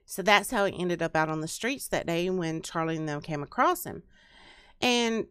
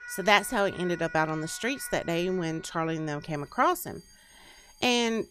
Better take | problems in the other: first | alarms or sirens; noticeable; throughout; 20 dB below the speech

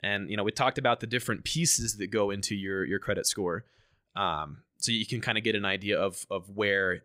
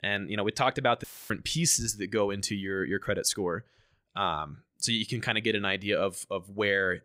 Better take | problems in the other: first | audio cutting out; filled with static; at 1 s

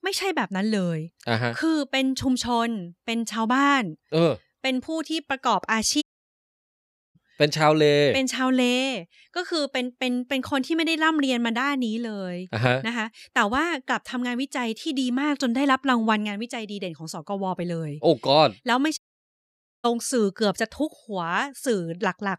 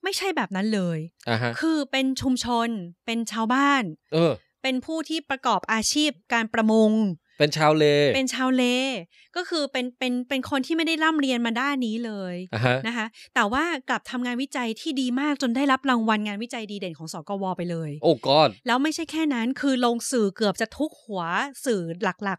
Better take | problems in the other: second | audio cutting out; at 6 s for 1 s and at 19 s for 1 s

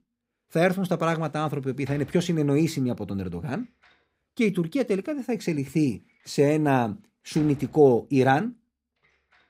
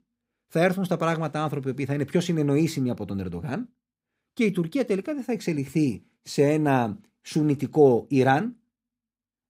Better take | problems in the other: second | household noises; faint; throughout; 25 dB below the speech

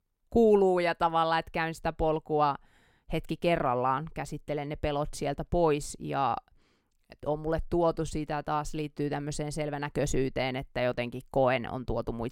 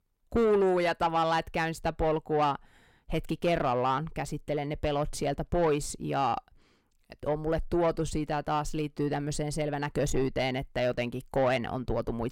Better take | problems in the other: first | distortion; slight; 10 dB below the speech

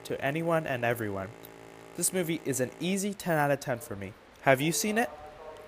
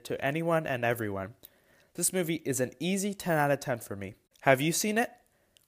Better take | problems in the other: second | train or aircraft noise; noticeable; throughout; 20 dB below the speech

